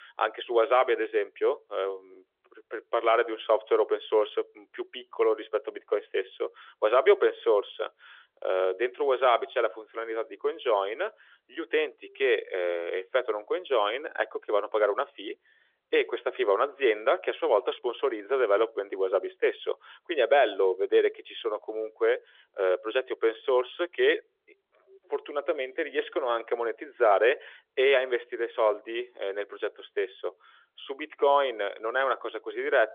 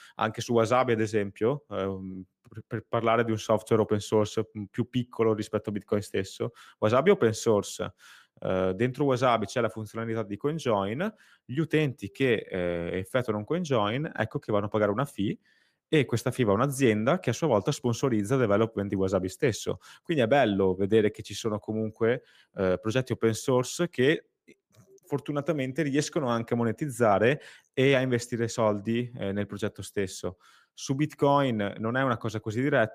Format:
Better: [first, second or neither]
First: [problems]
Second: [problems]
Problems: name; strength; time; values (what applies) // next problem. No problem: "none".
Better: second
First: phone-call audio; nothing above 3.5 kHz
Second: none